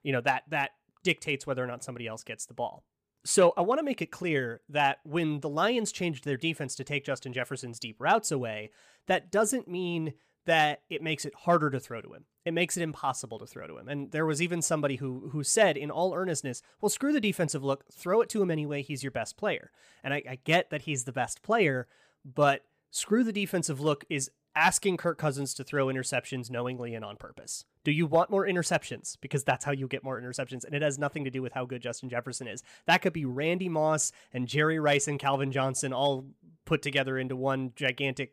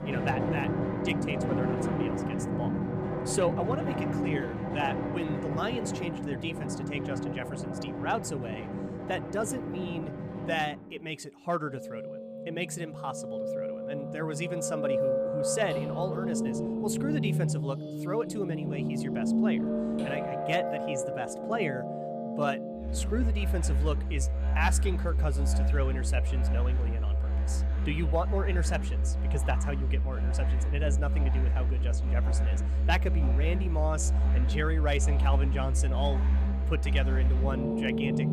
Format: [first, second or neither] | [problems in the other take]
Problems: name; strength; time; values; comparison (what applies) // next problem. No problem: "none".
first | background music; very loud; throughout; 5 dB above the speech